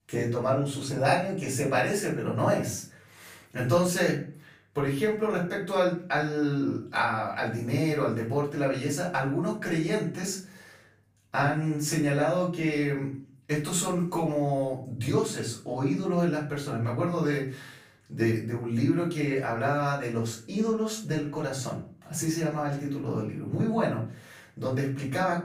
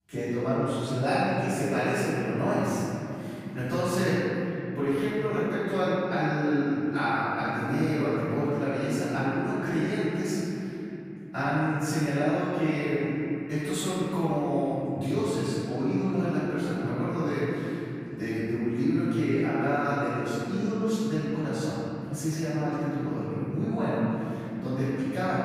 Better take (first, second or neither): first